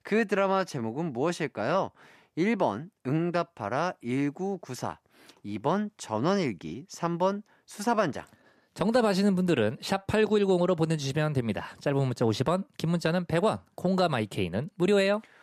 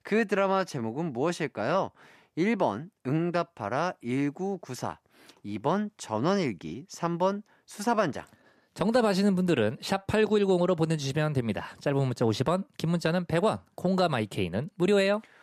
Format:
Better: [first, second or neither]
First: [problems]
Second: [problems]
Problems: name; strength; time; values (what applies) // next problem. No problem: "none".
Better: neither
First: none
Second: none